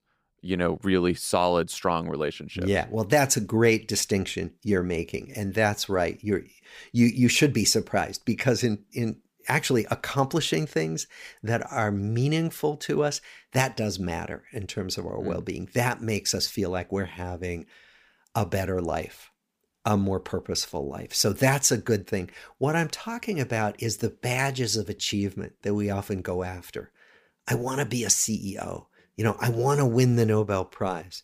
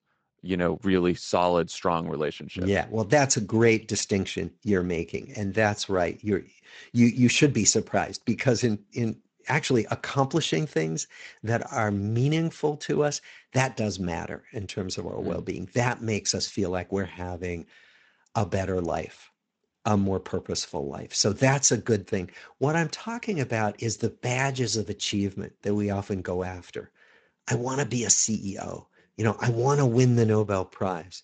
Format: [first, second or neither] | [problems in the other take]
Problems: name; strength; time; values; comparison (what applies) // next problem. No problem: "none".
first | garbled, watery; slightly; nothing above 7.5 kHz